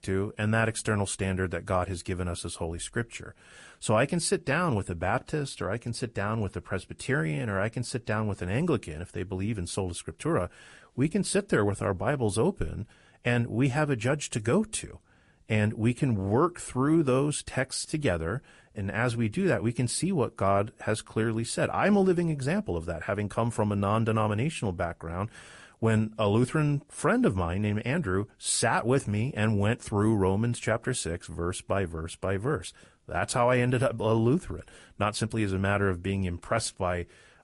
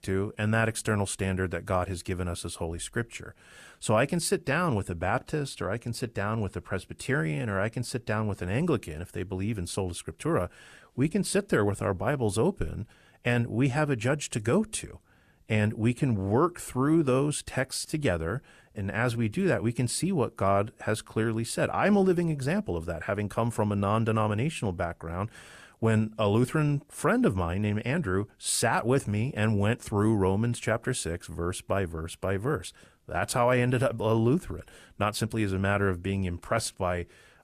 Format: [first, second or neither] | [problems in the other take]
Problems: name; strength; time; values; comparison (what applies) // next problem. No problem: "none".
second | garbled, watery; slightly; nothing above 11 kHz